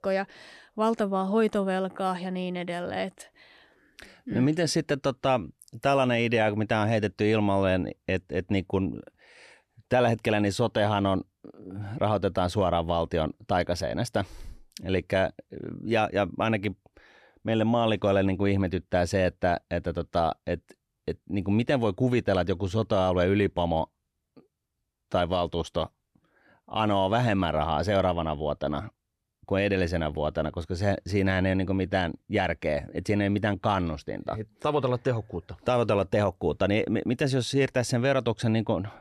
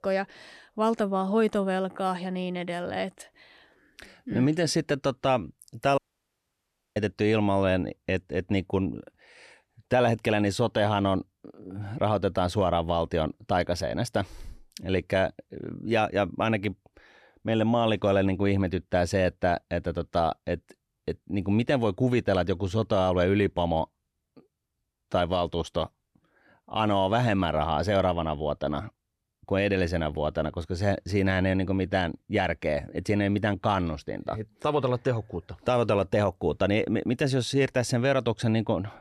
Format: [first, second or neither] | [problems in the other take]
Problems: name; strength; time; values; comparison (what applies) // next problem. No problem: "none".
first | audio cutting out; at 6 s for 1 s